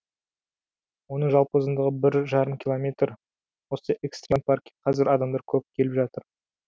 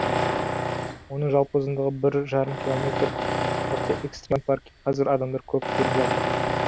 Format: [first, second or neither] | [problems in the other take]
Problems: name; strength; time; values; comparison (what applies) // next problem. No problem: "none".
first | background sound (Tools); 2 dB below the speech